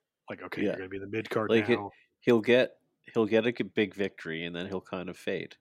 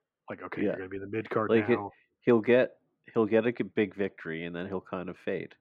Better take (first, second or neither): first